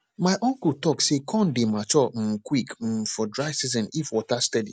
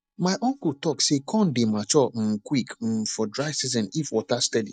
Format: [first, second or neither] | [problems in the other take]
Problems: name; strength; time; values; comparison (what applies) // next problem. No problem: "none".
first | noise reduction (neural mask model DeepFilterNet 3)